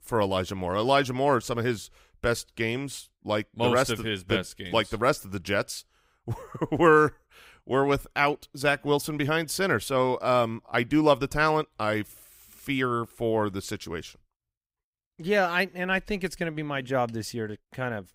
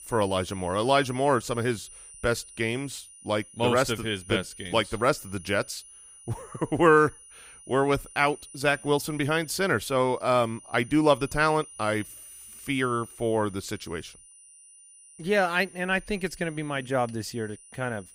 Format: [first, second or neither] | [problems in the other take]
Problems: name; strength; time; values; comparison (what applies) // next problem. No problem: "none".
first | high-pitched whine; noticeable; throughout; 9.5 kHz, 20 dB below the speech